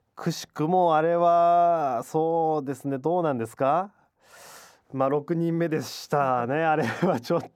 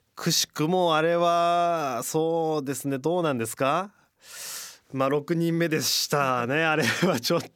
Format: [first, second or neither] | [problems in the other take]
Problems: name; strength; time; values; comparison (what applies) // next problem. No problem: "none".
second | muffled; very; fading above 2 kHz